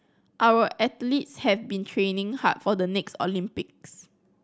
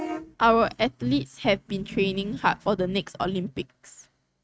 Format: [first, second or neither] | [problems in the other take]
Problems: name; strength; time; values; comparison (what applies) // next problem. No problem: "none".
first | noise reduction (neural mask model RNNoise)